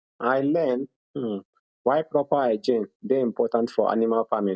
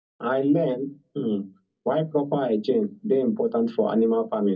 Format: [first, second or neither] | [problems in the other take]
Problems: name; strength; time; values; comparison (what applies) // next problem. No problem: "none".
first | room echo; dies away in 0.4 s